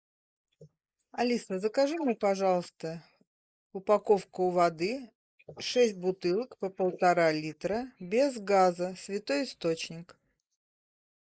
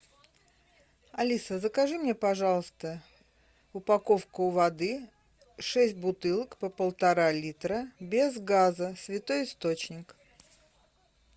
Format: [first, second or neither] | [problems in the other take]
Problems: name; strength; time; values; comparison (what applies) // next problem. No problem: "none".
second | noise reduction (neural mask model Resemble Enhance denoiser)